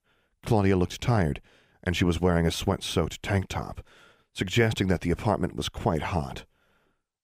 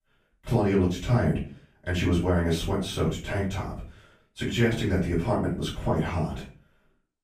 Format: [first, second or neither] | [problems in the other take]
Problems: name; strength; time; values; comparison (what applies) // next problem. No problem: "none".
first | room echo; slight; dies away in 0.3 s // off-mic speech; far